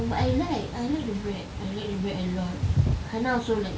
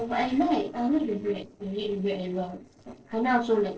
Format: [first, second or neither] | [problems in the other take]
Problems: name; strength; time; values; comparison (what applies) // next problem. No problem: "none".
first | noise reduction (neural separator model SepFormer DNS4)